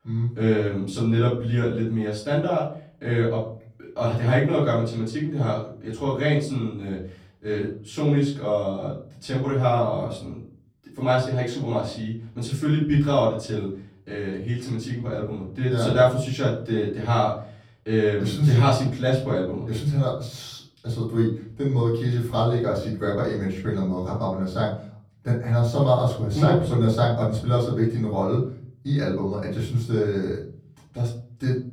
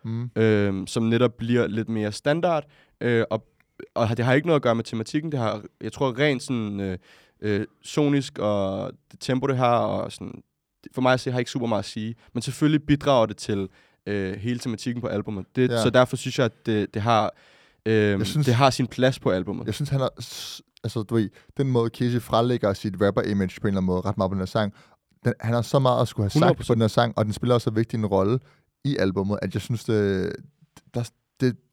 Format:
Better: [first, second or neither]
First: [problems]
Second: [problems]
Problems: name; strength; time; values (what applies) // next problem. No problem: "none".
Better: second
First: off-mic speech; far // room echo; noticeable; dies away in 0.5 s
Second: none